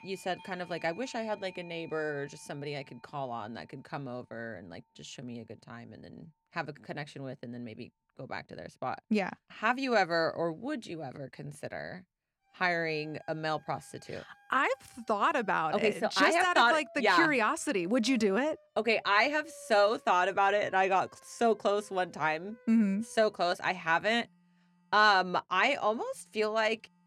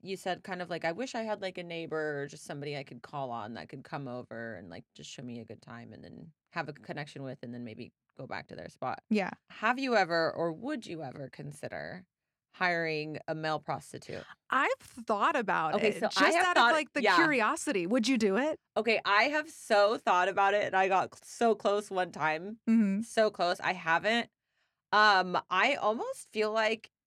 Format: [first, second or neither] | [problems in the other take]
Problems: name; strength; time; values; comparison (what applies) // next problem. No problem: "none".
second | alarms or sirens; faint; throughout; 30 dB below the speech